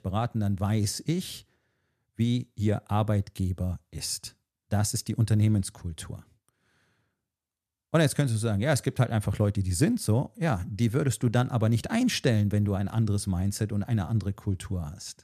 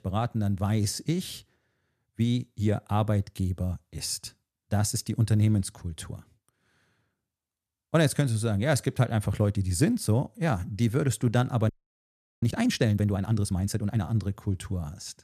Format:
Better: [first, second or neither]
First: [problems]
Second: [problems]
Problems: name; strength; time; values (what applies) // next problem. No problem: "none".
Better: first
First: none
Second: audio freezing; at 12 s for 0.5 s